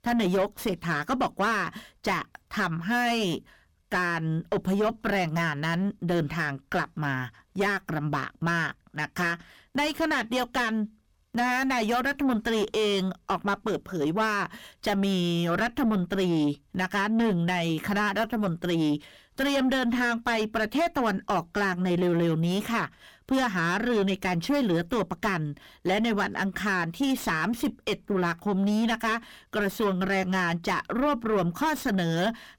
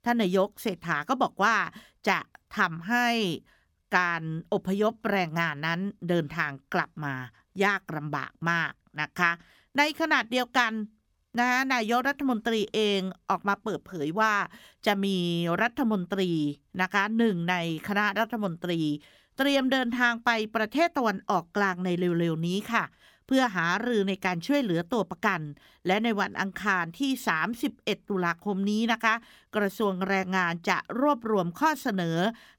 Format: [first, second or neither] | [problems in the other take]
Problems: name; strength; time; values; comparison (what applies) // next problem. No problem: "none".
second | distortion; heavy; 5 dB below the speech